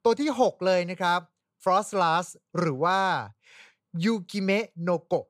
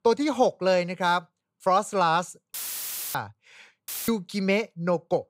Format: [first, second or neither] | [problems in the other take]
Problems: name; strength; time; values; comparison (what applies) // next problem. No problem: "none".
first | audio cutting out; filled with static; at 2.5 s for 0.5 s and at 4 s